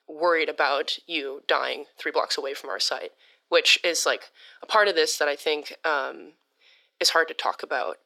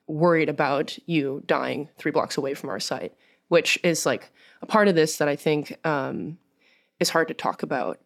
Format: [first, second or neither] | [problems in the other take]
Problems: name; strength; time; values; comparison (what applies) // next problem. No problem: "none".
second | thin; very; fading below 400 Hz